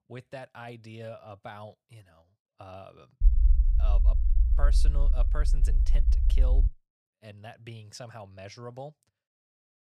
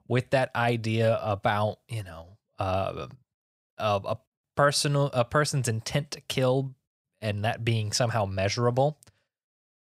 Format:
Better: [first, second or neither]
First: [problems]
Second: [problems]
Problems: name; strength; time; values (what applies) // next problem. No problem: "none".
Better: second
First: low rumble; loud; from 3 to 6.5 s; 7 dB below the speech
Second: none